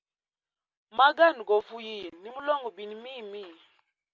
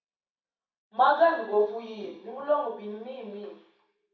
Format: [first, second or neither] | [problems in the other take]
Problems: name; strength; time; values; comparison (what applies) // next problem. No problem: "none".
first | room echo; dies away in 0.6 s